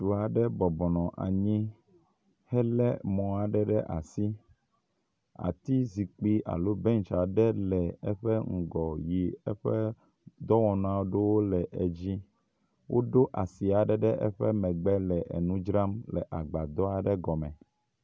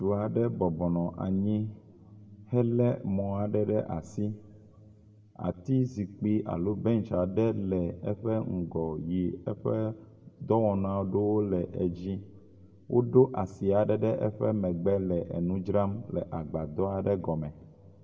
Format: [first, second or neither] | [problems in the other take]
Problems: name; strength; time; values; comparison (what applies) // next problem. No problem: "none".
first | room echo; dies away in 1.6 s